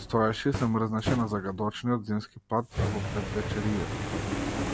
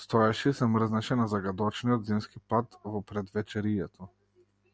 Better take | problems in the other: second | background sound (Fire); 4 dB below the speech

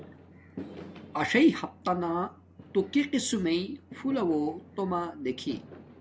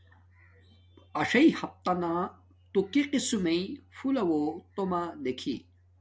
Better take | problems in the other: second | background sound (Fireworks); 17 dB below the speech

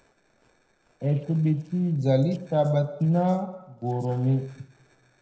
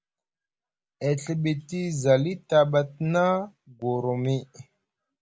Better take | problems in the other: second | noise reduction (neural separator model SepFormer DNS4)

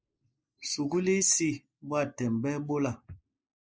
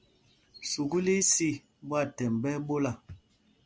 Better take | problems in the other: second | noise reduction (neural mask model Resemble Enhance denoiser)

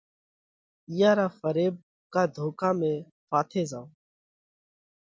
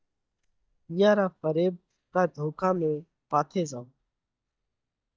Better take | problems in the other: first | noise reduction (neural mask model DeepFilterNet 3)

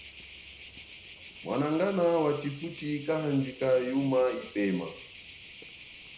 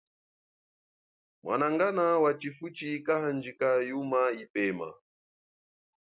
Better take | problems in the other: second | background sound (Cricket); 17 dB below the speech // room echo; dies away in 0.5 s

